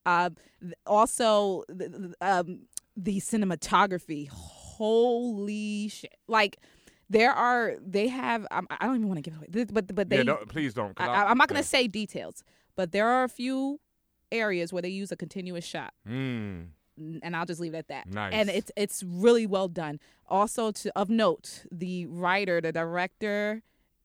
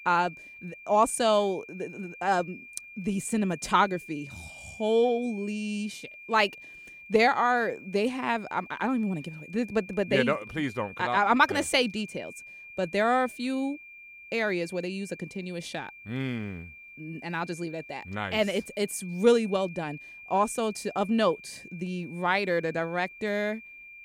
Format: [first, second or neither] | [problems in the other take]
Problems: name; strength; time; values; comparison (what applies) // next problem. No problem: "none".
first | high-pitched whine; noticeable; throughout; 2.5 kHz, 15 dB below the speech